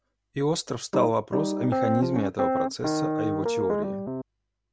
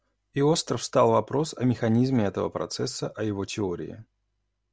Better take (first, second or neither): second